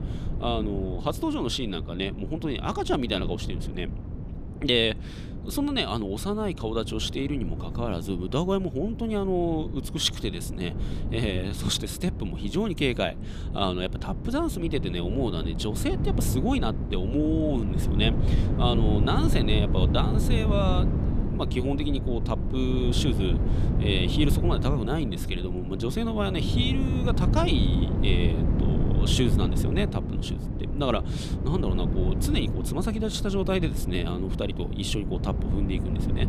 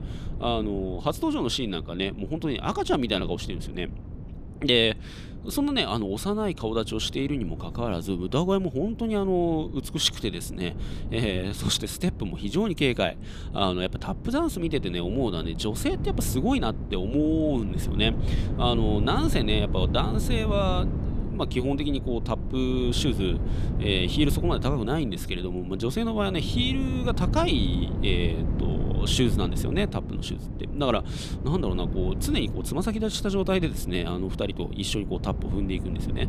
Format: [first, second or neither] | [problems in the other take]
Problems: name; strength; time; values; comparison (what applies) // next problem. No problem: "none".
second | wind noise on the microphone; heavy; 8 dB below the speech; occasional gusts in the second